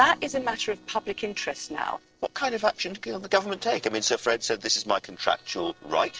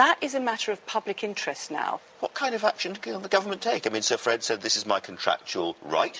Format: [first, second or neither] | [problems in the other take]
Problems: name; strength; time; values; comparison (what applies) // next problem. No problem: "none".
second | noise reduction (neural separator model SepFormer DNS4)